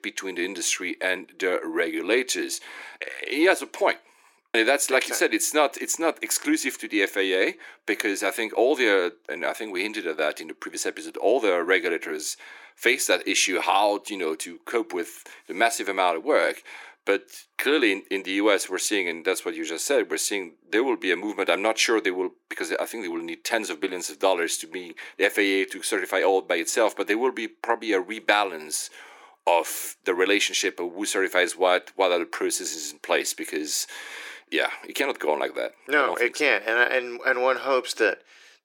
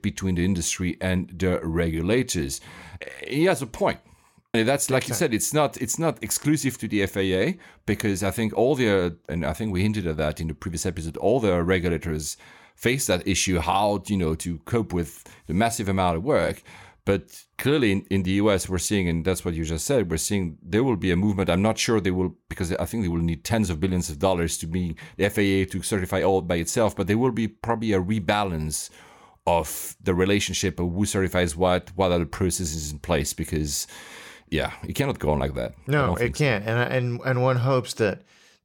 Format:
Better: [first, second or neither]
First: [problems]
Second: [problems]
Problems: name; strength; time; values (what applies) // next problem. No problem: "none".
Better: second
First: thin; somewhat; fading below 300 Hz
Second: none